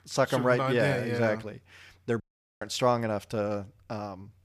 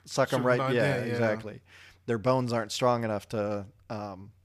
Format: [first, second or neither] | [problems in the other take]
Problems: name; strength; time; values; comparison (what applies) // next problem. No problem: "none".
second | audio cutting out; at 2 s